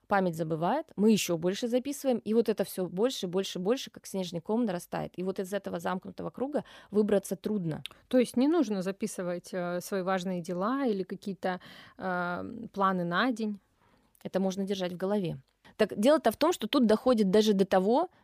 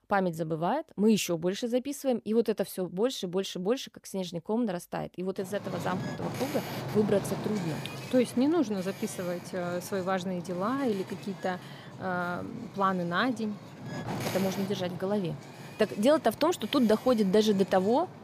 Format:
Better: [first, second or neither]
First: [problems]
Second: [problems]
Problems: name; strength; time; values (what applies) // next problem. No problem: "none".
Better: first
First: none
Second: wind noise on the microphone; occasional gusts; from 5.5 s on; 10 dB below the speech